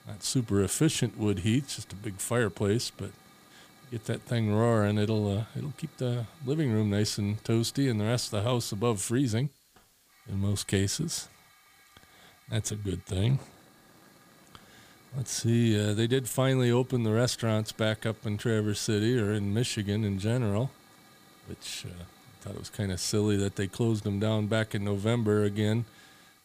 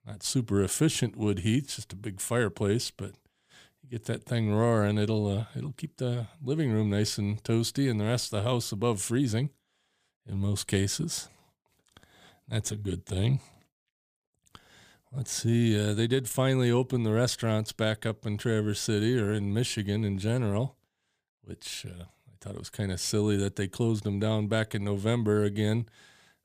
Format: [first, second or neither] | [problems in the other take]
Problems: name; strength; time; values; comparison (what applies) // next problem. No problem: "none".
second | hiss; faint; throughout; 25 dB below the speech